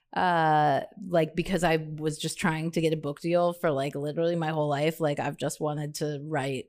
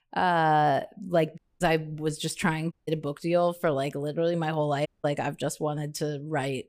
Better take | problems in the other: first | audio cutting out; at 1.5 s, at 2.5 s and at 5 s

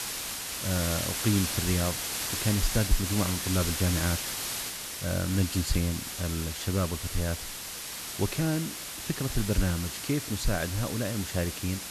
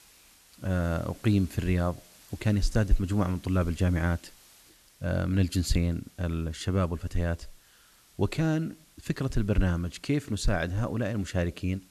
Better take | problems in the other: second | hiss; loud; throughout; 2 dB below the speech; faint in the second

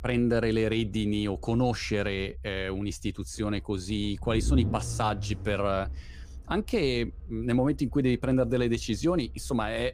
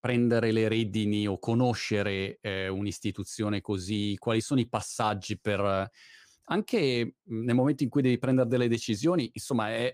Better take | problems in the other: second | low rumble; noticeable; throughout; 20 dB below the speech

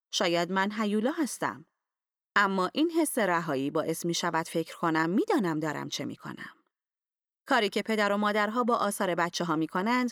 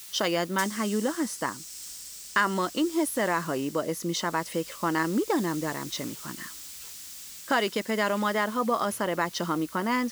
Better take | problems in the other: first | hiss; noticeable; throughout; 10 dB below the speech

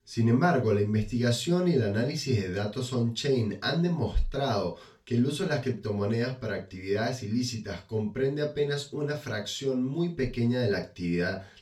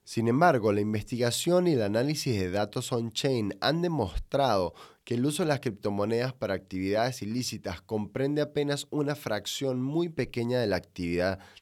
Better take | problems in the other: second | room echo; slight; dies away in 0.2 s // off-mic speech; far

